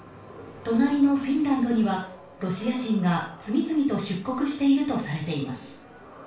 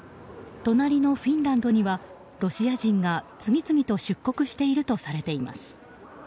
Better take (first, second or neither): second